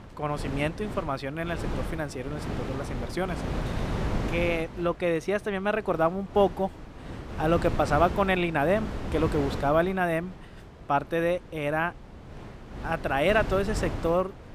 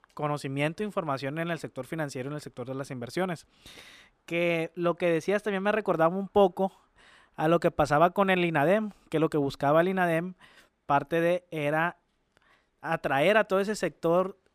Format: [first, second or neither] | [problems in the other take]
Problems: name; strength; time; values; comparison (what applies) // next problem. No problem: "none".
second | wind noise on the microphone; occasional gusts; 10 dB below the speech